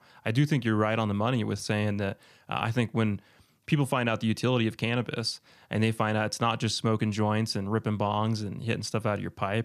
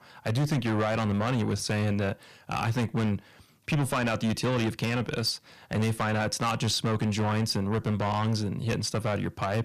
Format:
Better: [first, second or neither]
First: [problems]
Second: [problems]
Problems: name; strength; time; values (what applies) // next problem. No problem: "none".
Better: first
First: none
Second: distortion; heavy; 7 dB below the speech